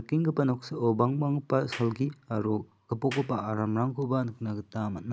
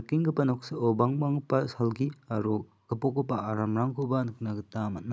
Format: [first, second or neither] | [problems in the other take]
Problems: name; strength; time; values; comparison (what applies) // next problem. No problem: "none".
second | background sound (Clapping); 17 dB below the speech